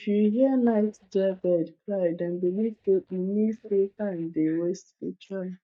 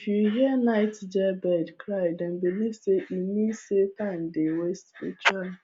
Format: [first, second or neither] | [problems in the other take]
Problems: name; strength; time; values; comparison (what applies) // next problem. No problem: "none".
second | noise reduction (neural mask model DeepFilterNet 3)